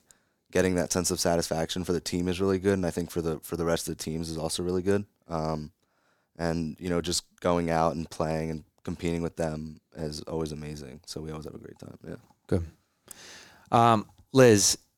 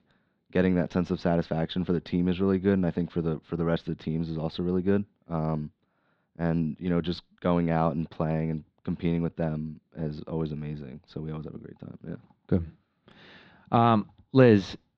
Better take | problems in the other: first | muffled; very; fading above 3.5 kHz

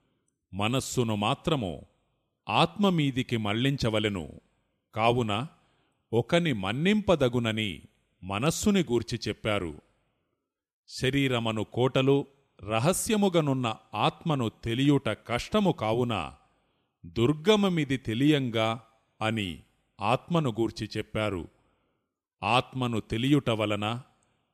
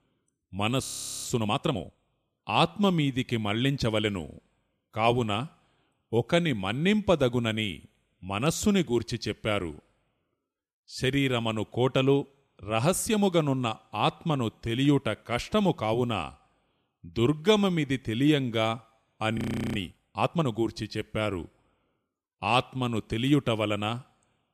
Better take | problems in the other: first | audio freezing; at 1 s and at 19 s

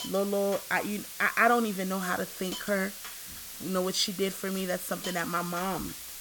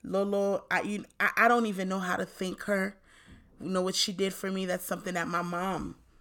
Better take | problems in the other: second | hiss; loud; throughout; 9 dB below the speech

